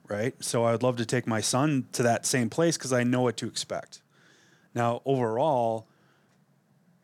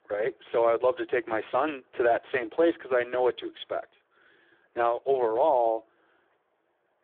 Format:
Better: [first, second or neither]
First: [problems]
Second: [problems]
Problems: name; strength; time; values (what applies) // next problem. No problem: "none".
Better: first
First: none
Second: phone-call audio; poor line; nothing above 3.5 kHz